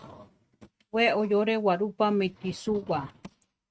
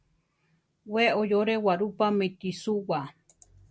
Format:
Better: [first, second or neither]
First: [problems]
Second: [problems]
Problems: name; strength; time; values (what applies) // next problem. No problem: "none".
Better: second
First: noise reduction (neural mask model RNNoise)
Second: none